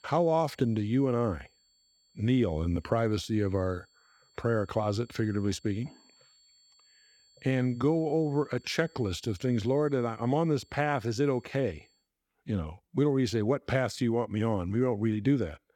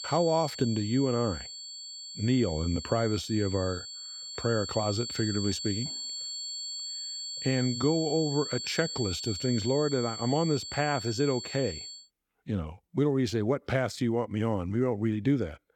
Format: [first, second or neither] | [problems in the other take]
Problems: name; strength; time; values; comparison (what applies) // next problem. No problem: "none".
first | high-pitched whine; loud; until 12 s; 4.5 kHz, 7 dB below the speech; faint in the first